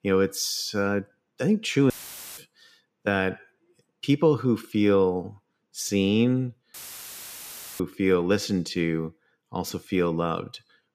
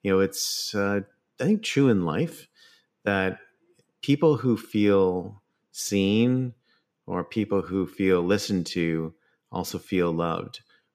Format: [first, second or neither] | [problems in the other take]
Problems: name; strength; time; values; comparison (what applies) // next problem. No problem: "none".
second | audio cutting out; filled with static; at 2 s and at 6.5 s for 1 s